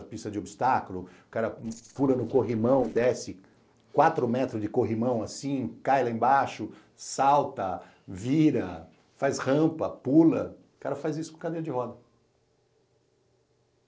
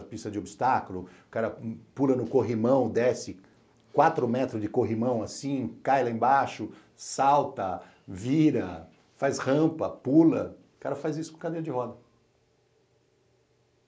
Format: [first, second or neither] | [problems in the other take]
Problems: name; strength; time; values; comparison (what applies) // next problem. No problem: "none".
second | noise reduction (neural separator model SepFormer DNS4)